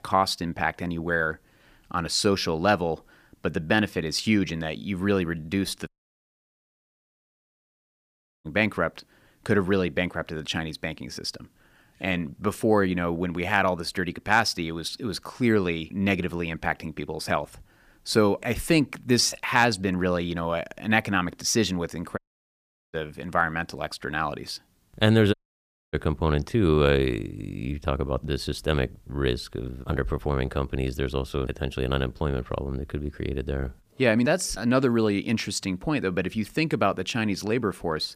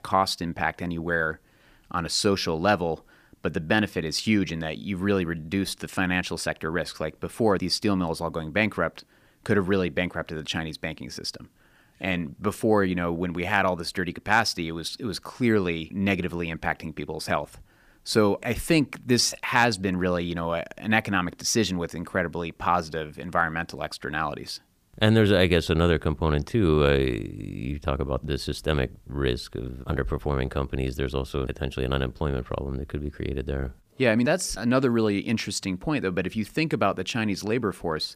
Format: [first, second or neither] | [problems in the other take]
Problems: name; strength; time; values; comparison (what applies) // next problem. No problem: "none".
second | audio cutting out; at 6 s for 2.5 s, at 22 s for 1 s and at 25 s for 0.5 s